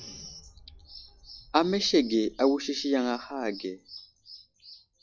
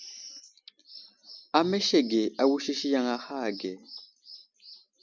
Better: second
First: noise reduction (classical method log-MMSE)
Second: none

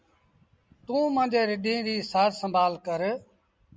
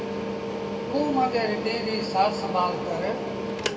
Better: first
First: none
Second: background sound (Mechanical fan); 2 dB below the speech // room echo; dies away in 2.1 s

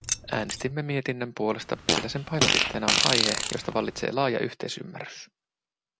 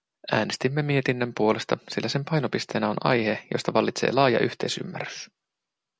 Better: second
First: background sound (Fart + Keys jangling); 3 dB above the speech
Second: none

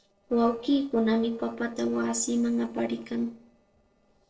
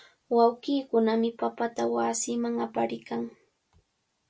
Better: second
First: noise reduction (neural separator model SepFormer DNS4)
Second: none

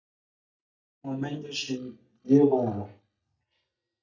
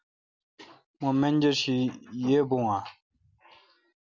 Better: second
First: noise reduction (neural mask model DeepFilterNet 3)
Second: none

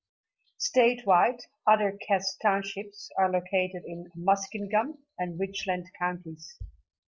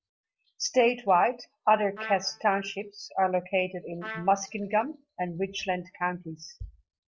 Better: first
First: none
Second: background sound (Trumpet); 14 dB below the speech

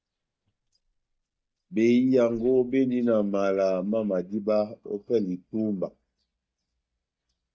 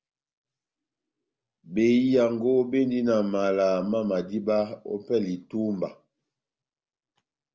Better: second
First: noise reduction (neural mask model DeepFilterNet 3)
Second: none

